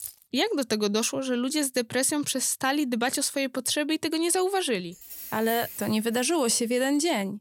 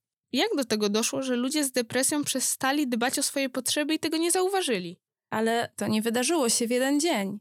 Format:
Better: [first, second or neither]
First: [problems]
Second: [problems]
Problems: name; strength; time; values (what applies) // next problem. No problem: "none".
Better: second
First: jangling keys; faint; at the start; peak 15 dB below the speech // jangling keys; noticeable; from 5 to 6.5 s; peak 9 dB below the speech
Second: none